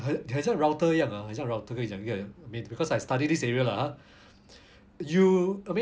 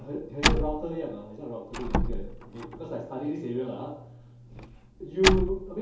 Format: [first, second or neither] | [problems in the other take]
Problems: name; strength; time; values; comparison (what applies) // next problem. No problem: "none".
first | background sound (Slam); 1 dB above the speech // room echo; dies away in 2.4 s